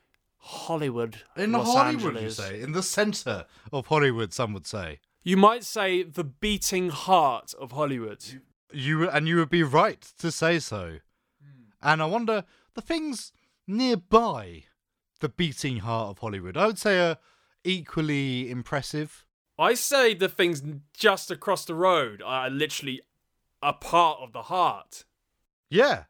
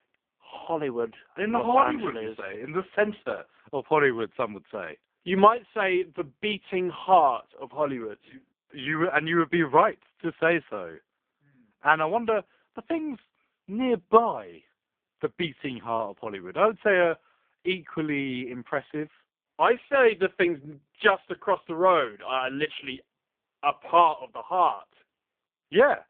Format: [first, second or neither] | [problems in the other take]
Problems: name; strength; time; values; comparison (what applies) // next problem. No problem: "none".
first | phone-call audio; poor line; nothing above 3.5 kHz